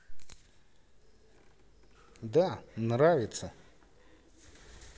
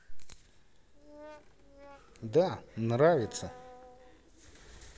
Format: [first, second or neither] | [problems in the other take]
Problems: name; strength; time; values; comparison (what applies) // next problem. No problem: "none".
first | background sound (Brass instrument); 20 dB below the speech